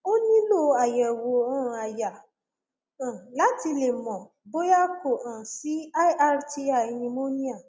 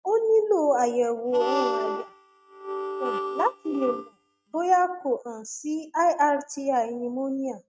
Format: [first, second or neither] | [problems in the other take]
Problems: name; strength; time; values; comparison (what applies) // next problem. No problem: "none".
first | noise reduction (neural mask model RNNoise)